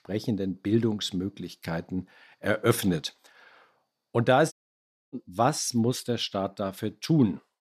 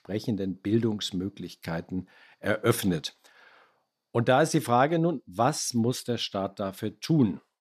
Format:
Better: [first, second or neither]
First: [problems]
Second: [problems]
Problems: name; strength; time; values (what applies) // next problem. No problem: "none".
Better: second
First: audio cutting out; at 4.5 s for 0.5 s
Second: none